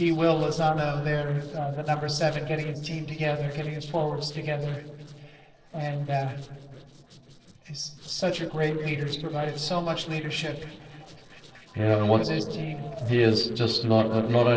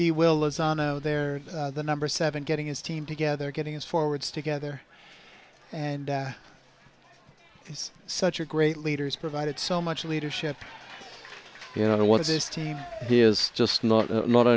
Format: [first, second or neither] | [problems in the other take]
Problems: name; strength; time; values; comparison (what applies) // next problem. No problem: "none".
second | noise reduction (neural separator model SepFormer DNS4)